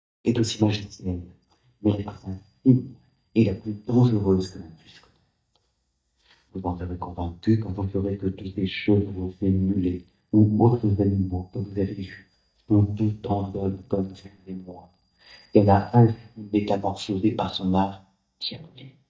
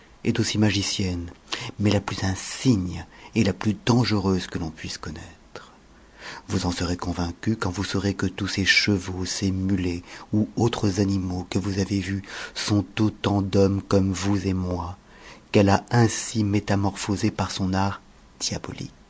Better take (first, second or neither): second